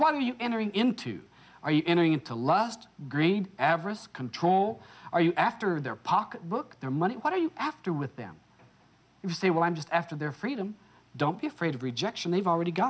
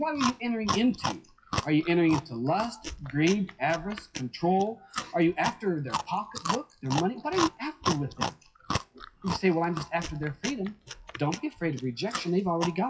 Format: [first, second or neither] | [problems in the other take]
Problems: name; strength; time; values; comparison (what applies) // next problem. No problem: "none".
first | noise reduction (classical method WPE with log-MMSE)